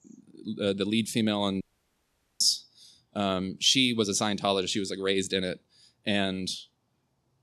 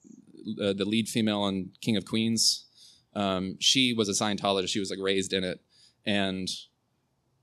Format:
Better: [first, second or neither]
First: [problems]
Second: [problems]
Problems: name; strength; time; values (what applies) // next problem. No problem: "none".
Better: second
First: audio cutting out; at 1.5 s for 1 s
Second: none